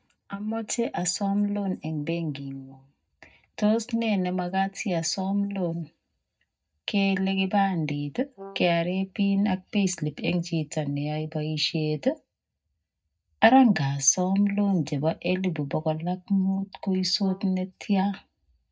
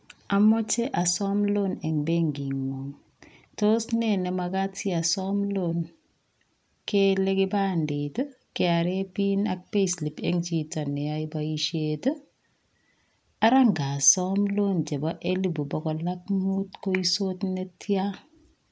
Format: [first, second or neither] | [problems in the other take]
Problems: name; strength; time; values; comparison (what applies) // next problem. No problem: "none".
second | noise reduction (neural mask model DeepFilterNet 3)